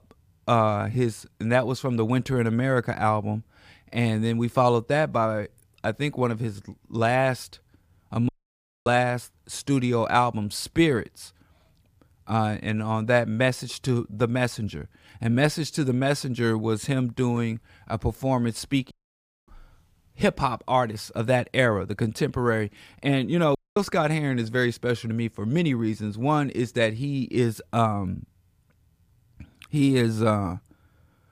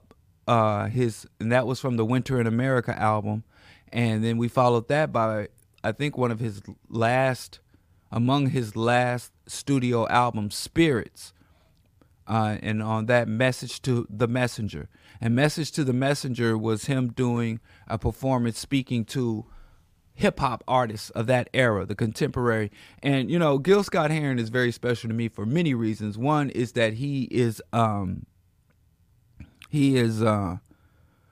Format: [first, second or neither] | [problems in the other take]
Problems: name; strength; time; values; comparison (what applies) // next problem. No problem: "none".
second | audio cutting out; at 8.5 s for 0.5 s, at 19 s for 0.5 s and at 24 s